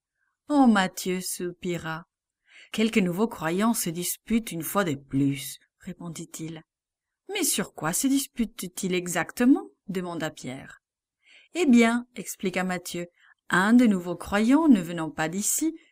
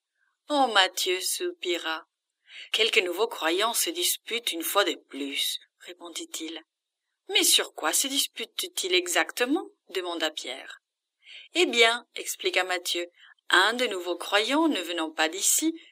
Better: first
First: none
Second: thin; very; fading below 300 Hz

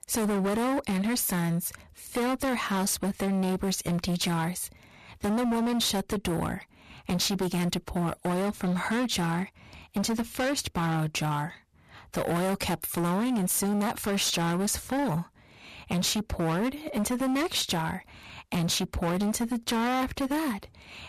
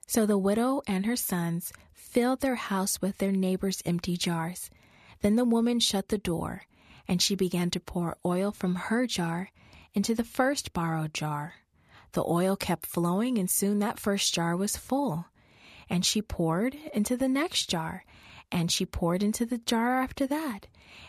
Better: second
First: distortion; heavy; 27% of the sound clipped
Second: none

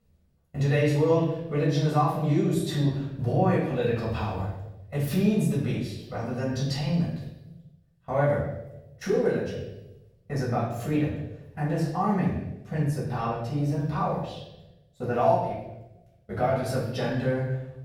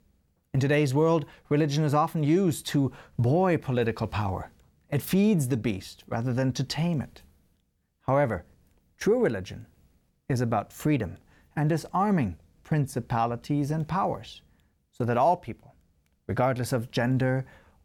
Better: second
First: off-mic speech; far // room echo; noticeable; dies away in 0.9 s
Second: none

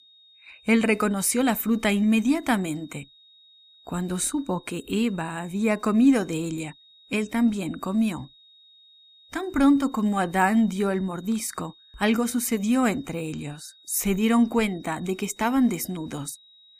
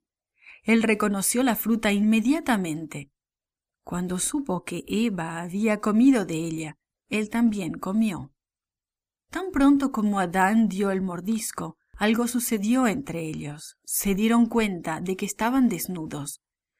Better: second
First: high-pitched whine; faint; throughout; 3.5 kHz, 25 dB below the speech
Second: none

